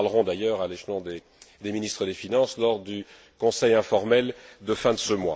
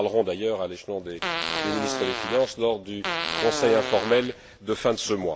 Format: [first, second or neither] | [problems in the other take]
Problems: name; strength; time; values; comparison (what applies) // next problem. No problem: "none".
first | background sound (Fart); 4 dB below the speech